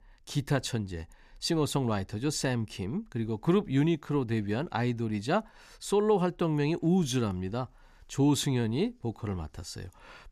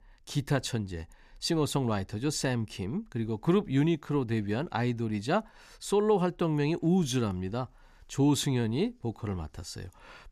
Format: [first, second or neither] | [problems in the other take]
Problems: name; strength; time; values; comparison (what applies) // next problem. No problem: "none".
neither | none